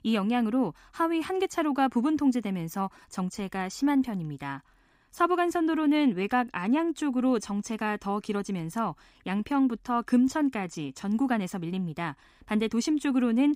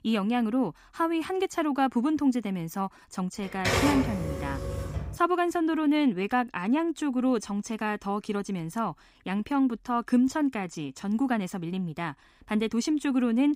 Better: first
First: none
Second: keyboard typing; loud; from 3.5 to 5 s; peak 3 dB above the speech

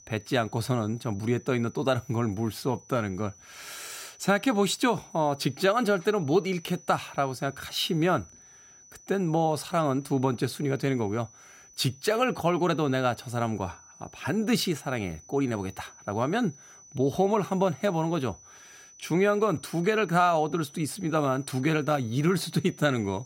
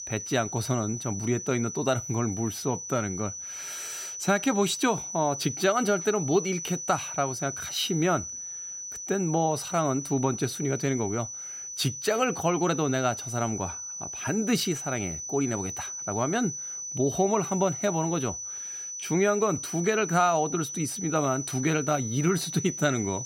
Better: first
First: high-pitched whine; faint; throughout; 6 kHz, 25 dB below the speech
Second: high-pitched whine; loud; throughout; 6 kHz, 6 dB below the speech

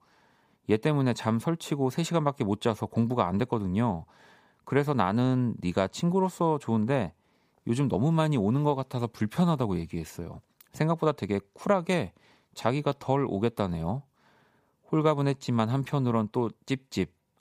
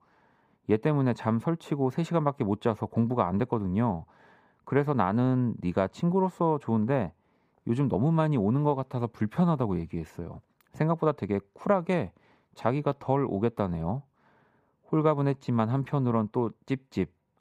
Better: first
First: none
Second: muffled; slightly; fading above 3 kHz

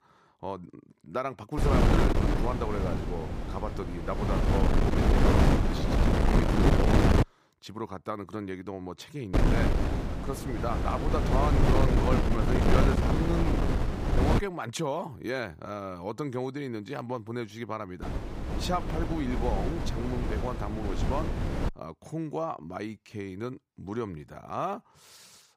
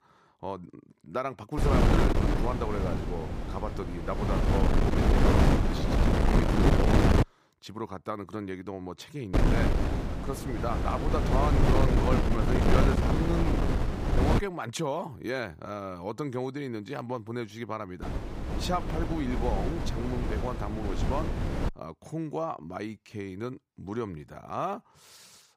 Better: neither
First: wind noise on the microphone; heavy; from 1.5 to 7 s, from 9.5 to 14 s and from 18 to 22 s; 3 dB above the speech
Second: wind noise on the microphone; heavy; from 1.5 to 7 s, from 9.5 to 14 s and from 18 to 22 s; 3 dB above the speech

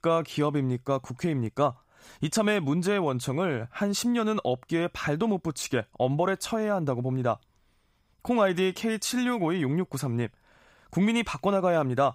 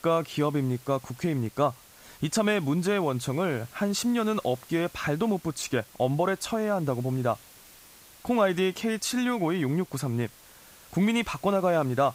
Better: first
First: none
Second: hiss; faint; throughout; 25 dB below the speech

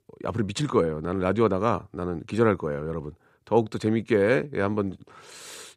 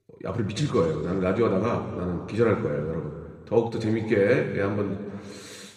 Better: first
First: none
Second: room echo; noticeable; dies away in 1.8 s // off-mic speech; somewhat distant

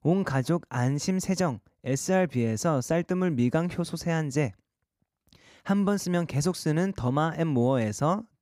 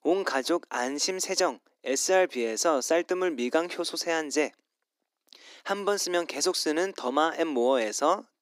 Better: first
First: none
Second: thin; very; fading below 300 Hz

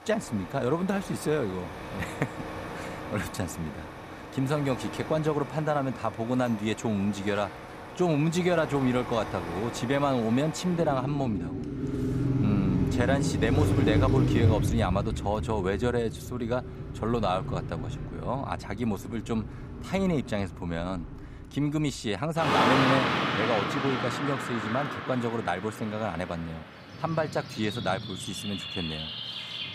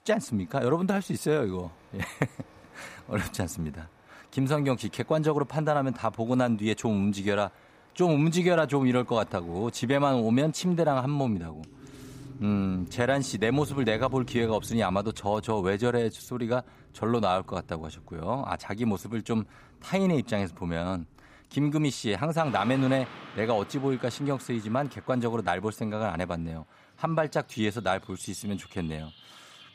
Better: second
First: traffic noise; loud; throughout; 3 dB below the speech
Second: traffic noise; faint; throughout; 20 dB below the speech

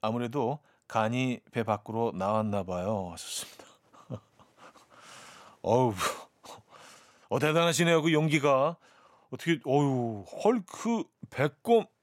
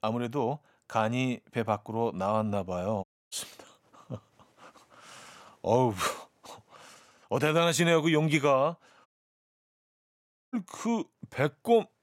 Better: first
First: none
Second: audio cutting out; at 3 s and at 9 s for 1.5 s

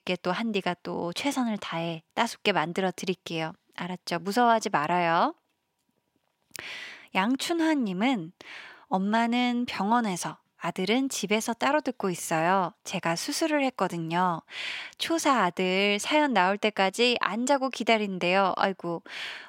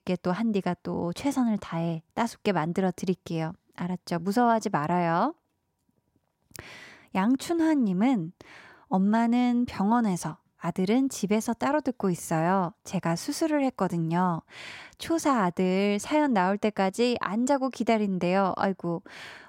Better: second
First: thin; very slightly; fading below 750 Hz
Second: none

